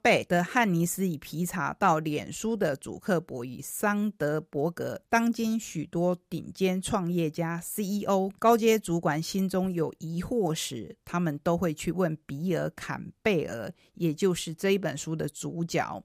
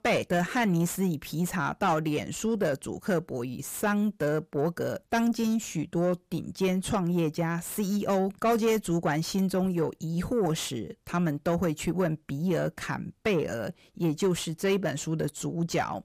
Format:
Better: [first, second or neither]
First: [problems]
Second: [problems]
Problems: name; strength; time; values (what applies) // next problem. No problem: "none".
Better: first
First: none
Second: distortion; slight; 10 dB below the speech